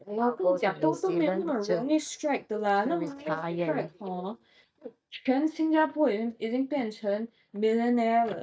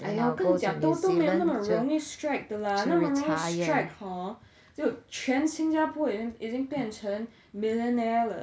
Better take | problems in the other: second | noise reduction (neural mask model DeepFilterNet 3)

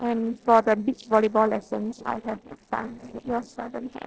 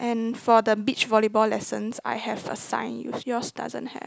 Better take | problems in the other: second | noise reduction (neural separator model SepFormer DNS4)

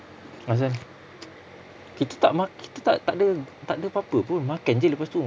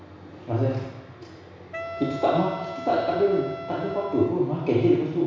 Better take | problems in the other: first | background sound (Wind instrument, woodwind instrument); 11 dB below the speech // room echo; dies away in 1.1 s

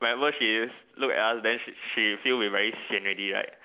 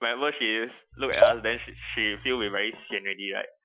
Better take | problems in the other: first | noise reduction (classical method Wiener filter)

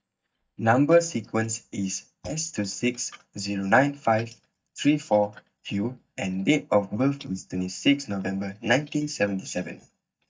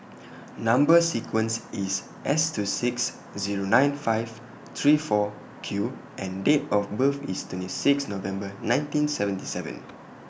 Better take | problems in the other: second | noise reduction (neural mask model DeepFilterNet 3)

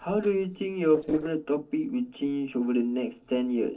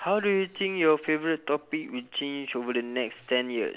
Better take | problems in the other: second | noise reduction (neural separator model SepFormer DNS4)

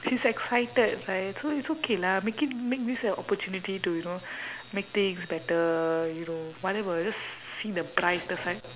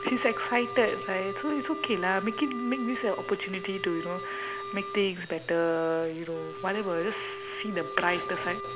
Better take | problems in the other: first | background sound (Wind instrument, woodwind instrument); 8 dB below the speech

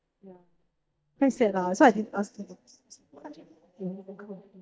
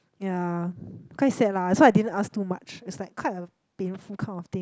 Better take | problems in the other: second | noise reduction (neural mask model DeepFilterNet 3)

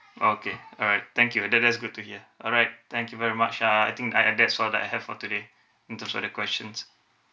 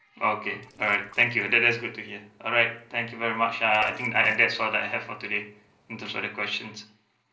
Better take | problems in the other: first | noise reduction (neural separator model SepFormer DNS4)

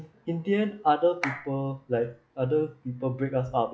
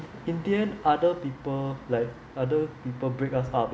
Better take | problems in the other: second | noise reduction (classical method log-MMSE)

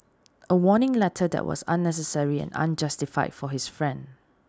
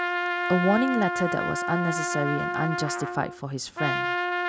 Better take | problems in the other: first | background sound (Trumpet); 1 dB below the speech

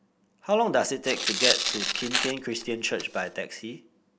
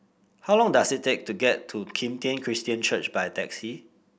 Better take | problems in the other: second | background sound (Tearing); 1 dB below the speech

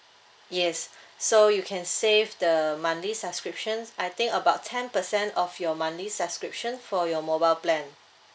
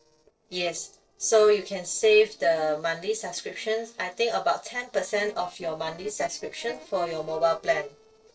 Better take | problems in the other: first | noise reduction (neural separator model SepFormer DNS4)

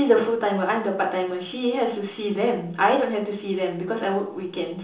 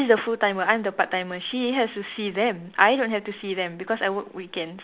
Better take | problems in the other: second | room echo; dies away in 0.6 s

